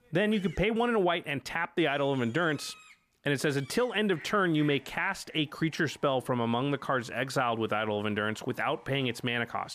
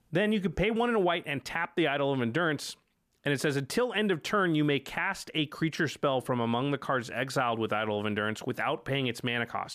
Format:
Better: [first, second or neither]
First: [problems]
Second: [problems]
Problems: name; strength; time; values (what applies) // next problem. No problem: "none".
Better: second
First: animal sounds; faint; throughout; 25 dB below the speech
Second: none